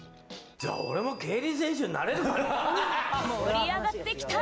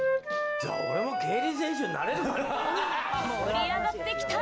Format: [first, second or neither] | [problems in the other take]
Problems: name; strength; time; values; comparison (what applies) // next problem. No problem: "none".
first | background sound (Wind instrument, woodwind instrument); 1 dB below the speech